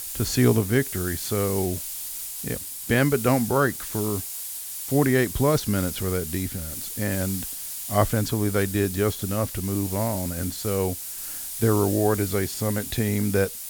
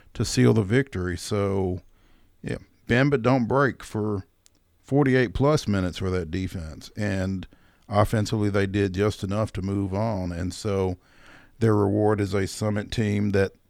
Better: second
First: hiss; loud; throughout; 6 dB below the speech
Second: none

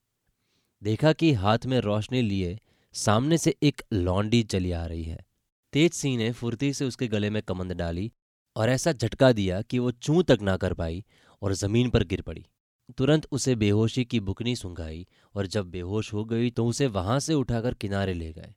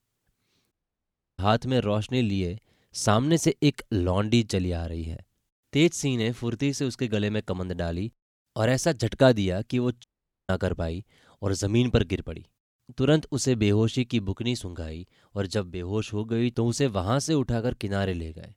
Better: first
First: none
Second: audio cutting out; at 0.5 s for 0.5 s and at 10 s

